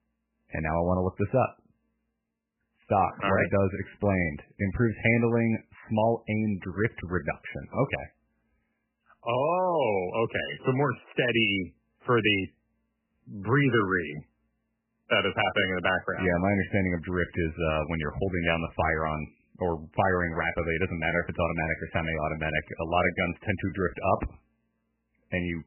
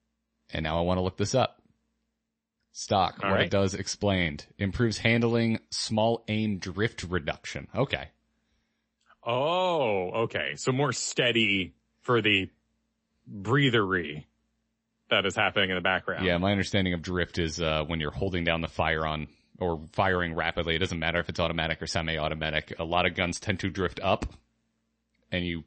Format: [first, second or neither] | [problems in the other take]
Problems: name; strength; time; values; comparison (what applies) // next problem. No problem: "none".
second | garbled, watery; badly; nothing above 3 kHz; slightly in the second